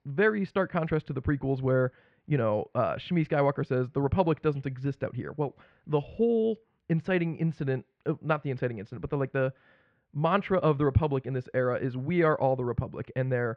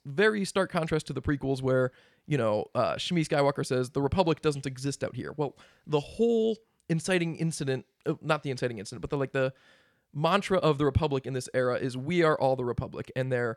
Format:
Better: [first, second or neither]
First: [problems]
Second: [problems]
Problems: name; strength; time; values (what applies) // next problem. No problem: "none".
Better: second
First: muffled; very; fading above 2.5 kHz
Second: none